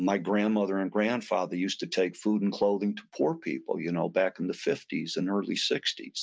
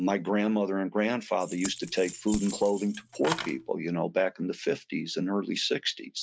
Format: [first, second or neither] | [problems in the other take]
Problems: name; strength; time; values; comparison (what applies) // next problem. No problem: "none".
first | noise reduction (neural mask model RNNoise)